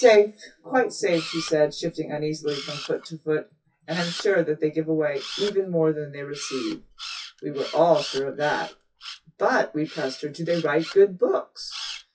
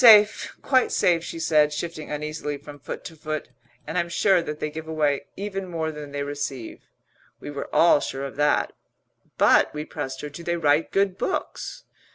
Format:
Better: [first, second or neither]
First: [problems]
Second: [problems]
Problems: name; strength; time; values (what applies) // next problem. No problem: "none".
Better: second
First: noise reduction (classical method WPE with log-MMSE)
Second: none